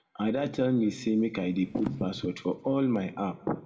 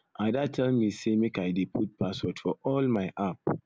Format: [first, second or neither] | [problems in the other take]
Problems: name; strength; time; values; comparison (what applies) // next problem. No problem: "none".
second | background sound (Percussion); 13 dB below the speech // room echo; dies away in 1.3 s